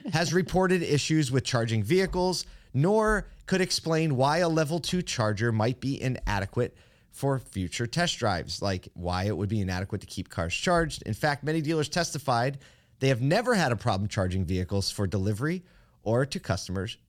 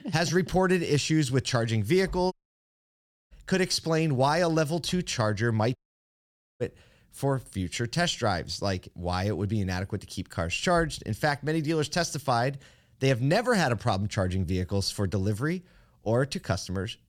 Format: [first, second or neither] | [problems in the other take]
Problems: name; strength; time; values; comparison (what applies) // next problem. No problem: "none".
first | audio cutting out; at 2.5 s for 1 s and at 6 s for 1 s